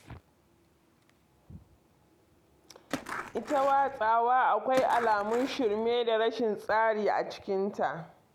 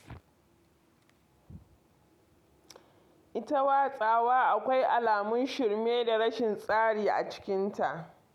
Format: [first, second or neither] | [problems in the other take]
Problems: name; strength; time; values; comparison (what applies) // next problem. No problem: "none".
second | background sound (Skateboard); 10 dB below the speech